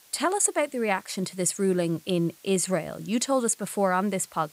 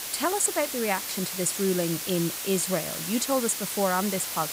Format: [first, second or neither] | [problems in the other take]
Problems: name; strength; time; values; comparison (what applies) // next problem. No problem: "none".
first | hiss; loud; throughout; 4 dB below the speech; faint in the first